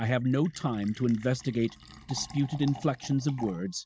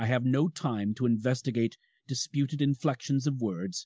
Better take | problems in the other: second | background sound (Fill (with liquid)); 18 dB below the speech

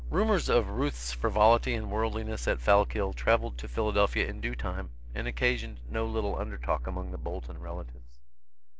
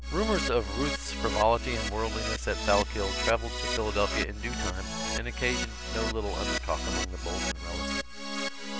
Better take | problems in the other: first | background sound (Keyboard (musical)); 4 dB below the speech

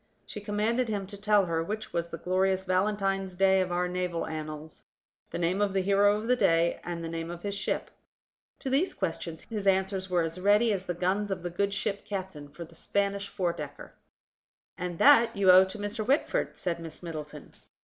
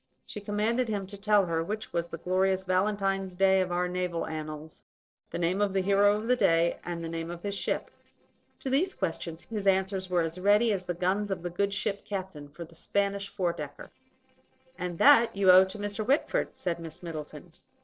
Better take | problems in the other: first | noise reduction (neural separator model SepFormer DNS4)

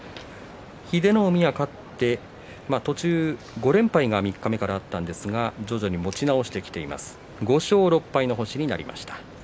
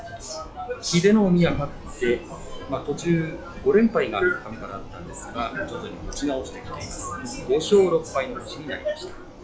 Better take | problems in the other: first | noise reduction (classical method log-MMSE)

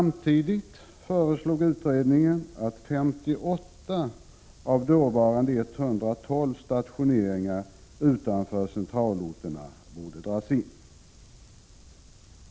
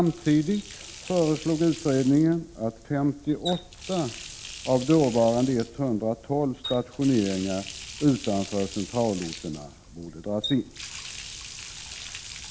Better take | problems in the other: first | background sound (Water tap, faucet); 14 dB below the speech

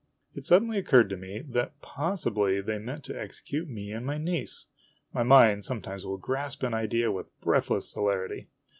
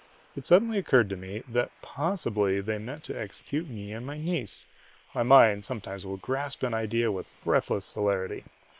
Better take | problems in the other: first | noise reduction (neural separator model SepFormer WHAM!)

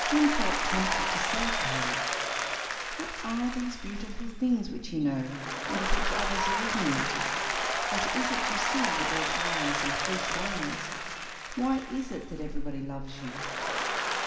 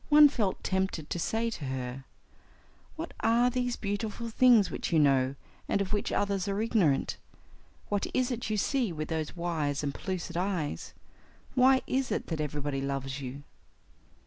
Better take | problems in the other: second | background sound (Applause); 1 dB above the speech // room echo; dies away in 2.1 s

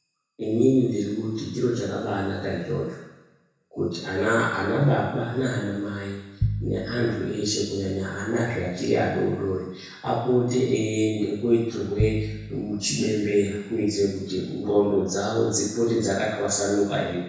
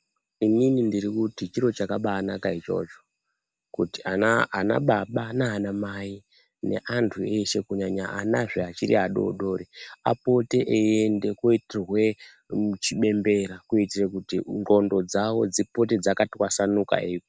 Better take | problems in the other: second | background sound (Piano); 7 dB below the speech // room echo; dies away in 1 s

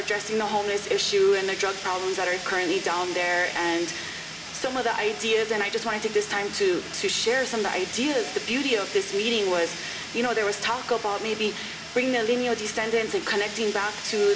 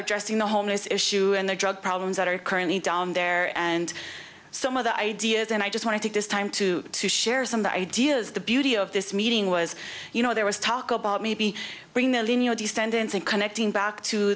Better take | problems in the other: second | background sound (Fire); 11 dB below the speech // room echo; dies away in 1.2 s

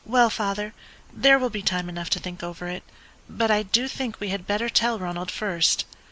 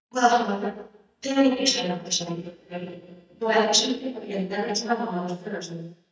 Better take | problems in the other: first | noise reduction (neural mask model DeepFilterNet 3)

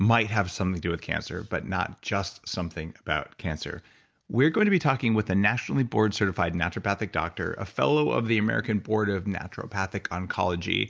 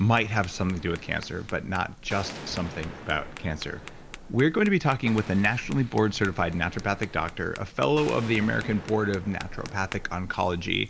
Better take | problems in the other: first | background sound (Explosion + Tap); 14 dB below the speech

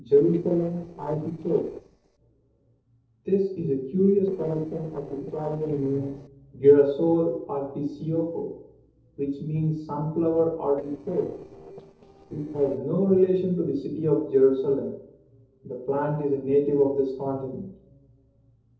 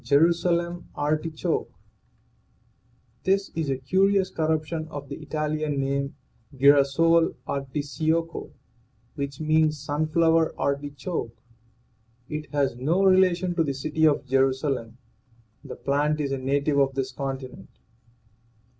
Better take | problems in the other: second | noise reduction (neural separator model SepFormer DNS4)

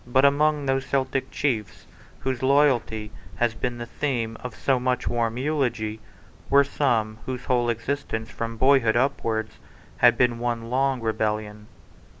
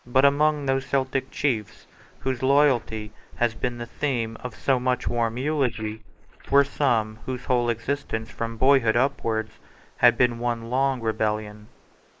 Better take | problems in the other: first | noise reduction (neural mask model Resemble Enhance denoiser)

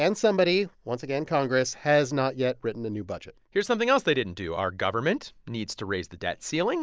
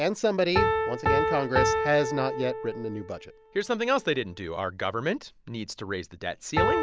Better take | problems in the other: first | background sound (Piano); 1 dB below the speech

